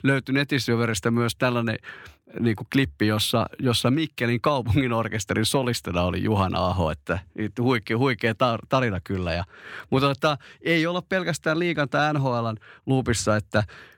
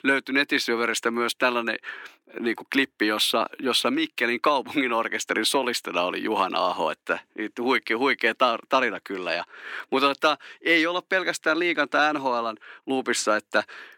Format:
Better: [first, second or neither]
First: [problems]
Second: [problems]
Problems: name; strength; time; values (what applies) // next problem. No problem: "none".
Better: first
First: none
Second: thin; somewhat; fading below 300 Hz